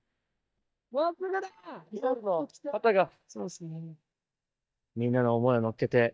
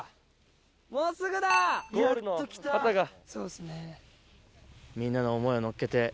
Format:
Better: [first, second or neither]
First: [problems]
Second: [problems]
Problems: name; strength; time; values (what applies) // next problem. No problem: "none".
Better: second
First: noise reduction (neural mask model DeepFilterNet 3)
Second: none